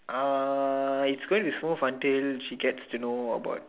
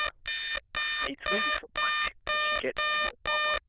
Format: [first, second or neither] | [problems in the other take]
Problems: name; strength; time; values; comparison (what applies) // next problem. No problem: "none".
first | noise reduction (neural diffusion model UNIVERSE++)